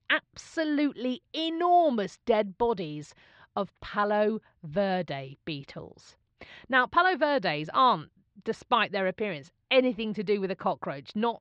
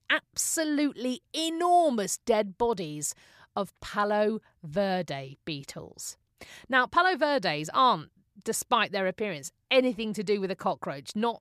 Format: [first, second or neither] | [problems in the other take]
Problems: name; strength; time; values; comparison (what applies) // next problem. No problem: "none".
second | muffled; slightly; fading above 4 kHz